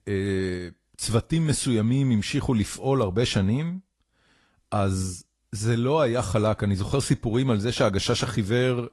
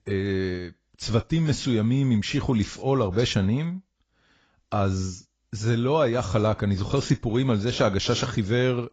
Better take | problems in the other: first | garbled, watery; badly; nothing above 7.5 kHz; slightly in the first

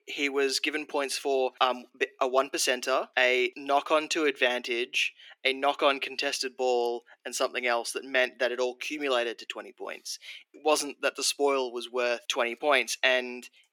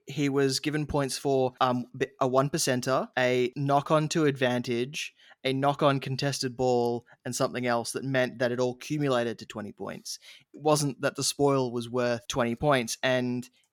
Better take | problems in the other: second | thin; somewhat; fading below 300 Hz

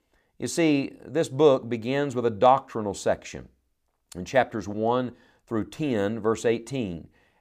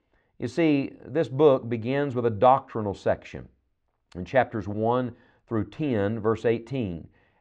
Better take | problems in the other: first | muffled; slightly; fading above 3 kHz

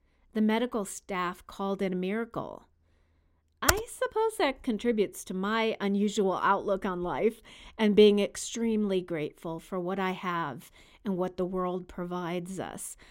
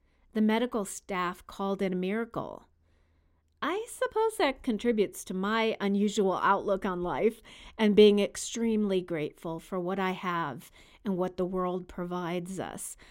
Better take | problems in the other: second | keyboard typing; very faint; at 3.5 s; peak 2 dB above the speech

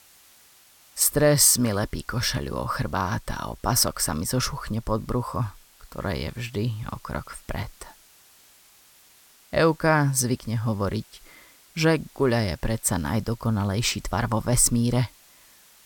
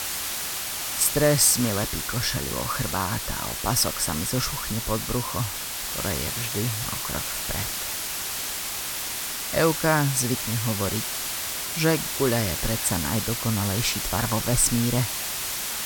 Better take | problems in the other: first | hiss; loud; throughout; 2 dB below the speech; faint in the first

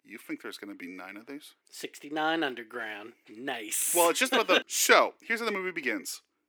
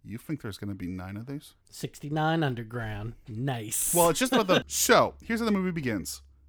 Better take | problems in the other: second | thin; somewhat; fading below 300 Hz

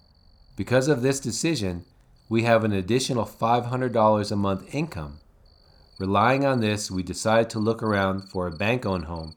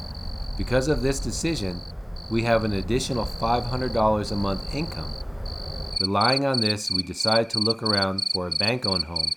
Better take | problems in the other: first | animal sounds; loud; throughout; 2 dB below the speech; faint in the first

